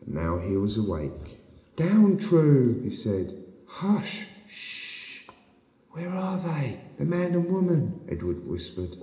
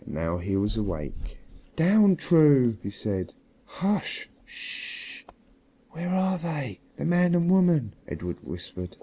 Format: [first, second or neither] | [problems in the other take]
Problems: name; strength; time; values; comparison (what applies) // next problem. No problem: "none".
second | room echo; dies away in 0.8 s